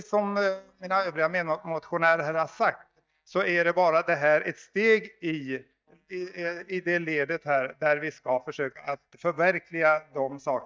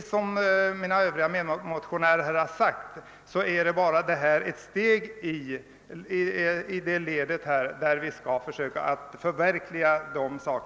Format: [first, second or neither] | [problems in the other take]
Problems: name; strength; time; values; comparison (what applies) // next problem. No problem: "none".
second | noise reduction (neural mask model DeepFilterNet 3)